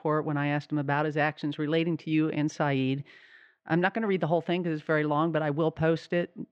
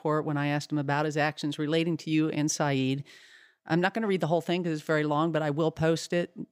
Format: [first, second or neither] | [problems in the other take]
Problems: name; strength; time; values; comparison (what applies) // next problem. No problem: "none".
second | muffled; slightly; fading above 2.5 kHz